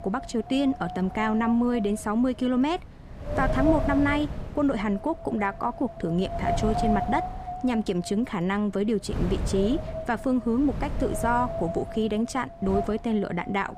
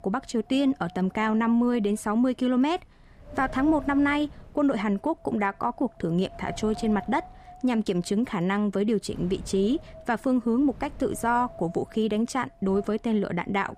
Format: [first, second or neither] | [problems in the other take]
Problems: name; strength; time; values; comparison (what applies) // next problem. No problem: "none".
second | wind noise on the microphone; heavy; 5 dB below the speech; occasional gusts in the second